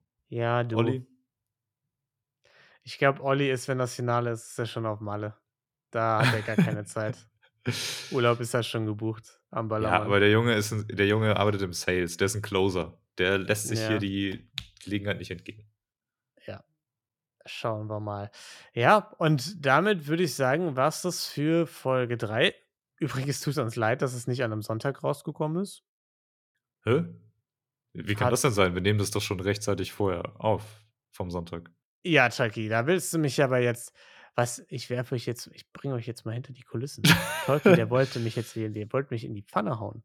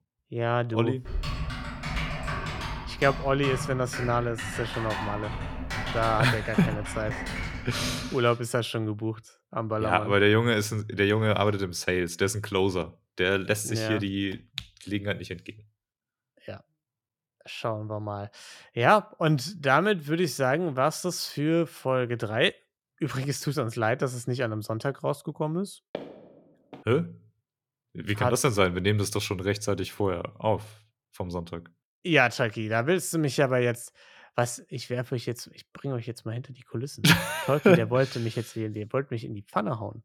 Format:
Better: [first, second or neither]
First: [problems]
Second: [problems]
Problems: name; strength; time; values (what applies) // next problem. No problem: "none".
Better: first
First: none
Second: keyboard typing; noticeable; from 1 to 8 s; peak 4 dB below the speech // footsteps; faint; at 26 s; peak 15 dB below the speech